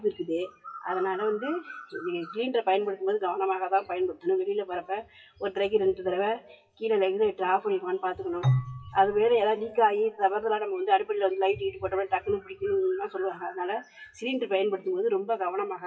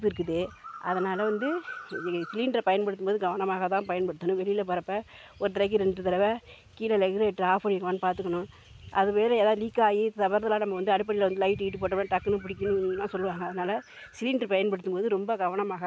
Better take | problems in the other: second | noise reduction (classical method WPE with log-MMSE)

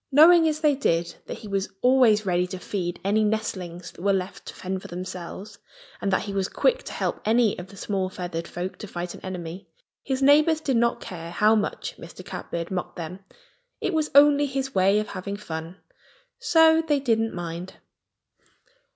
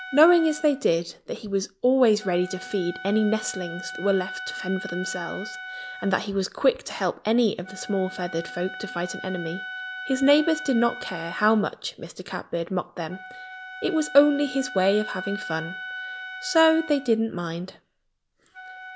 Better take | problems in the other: first | background sound (Wind instrument, woodwind instrument); 13 dB below the speech

